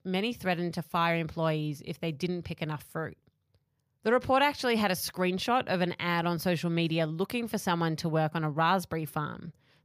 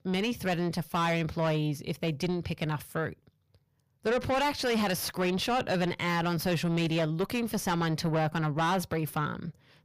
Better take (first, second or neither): first